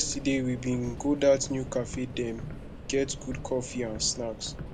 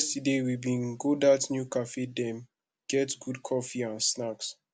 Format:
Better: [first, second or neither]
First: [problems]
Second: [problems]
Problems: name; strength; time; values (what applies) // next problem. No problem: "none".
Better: second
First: background sound (Subway, metro, underground); 10 dB below the speech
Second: none